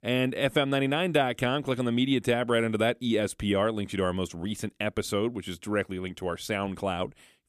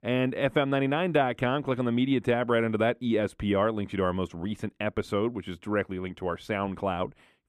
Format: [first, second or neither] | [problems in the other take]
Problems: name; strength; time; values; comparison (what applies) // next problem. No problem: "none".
first | muffled; slightly; fading above 3.5 kHz